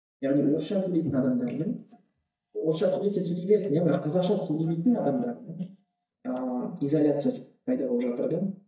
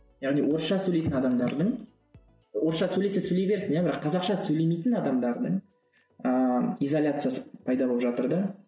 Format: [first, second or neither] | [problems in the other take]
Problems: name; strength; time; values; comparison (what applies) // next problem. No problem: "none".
second | noise reduction (neural mask model DeepFilterNet 3)